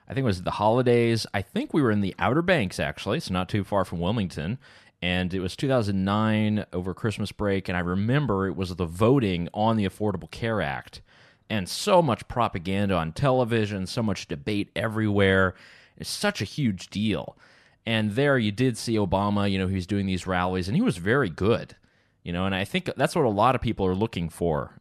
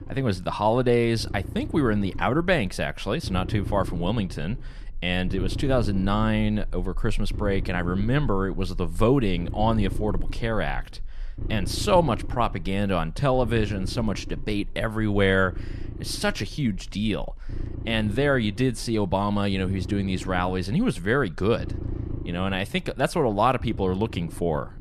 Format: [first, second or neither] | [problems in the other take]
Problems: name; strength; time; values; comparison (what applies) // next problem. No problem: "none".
first | low rumble; noticeable; throughout; 20 dB below the speech